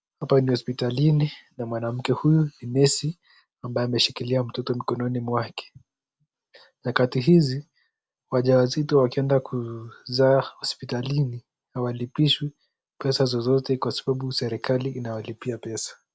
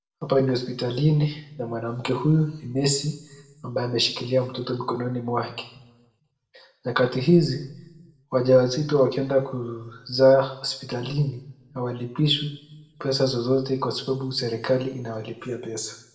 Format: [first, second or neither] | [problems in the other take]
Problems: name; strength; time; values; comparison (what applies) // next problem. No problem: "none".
first | room echo; dies away in 0.6 s